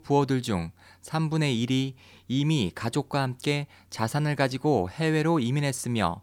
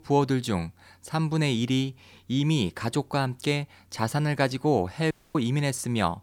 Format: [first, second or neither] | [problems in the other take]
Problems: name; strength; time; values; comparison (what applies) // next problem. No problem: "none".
first | audio cutting out; at 5 s